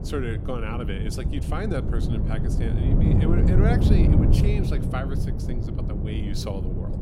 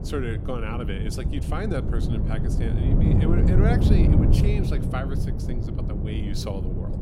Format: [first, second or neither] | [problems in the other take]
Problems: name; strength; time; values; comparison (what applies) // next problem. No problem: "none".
neither | wind noise on the microphone; heavy; as loud as the speech; the same in both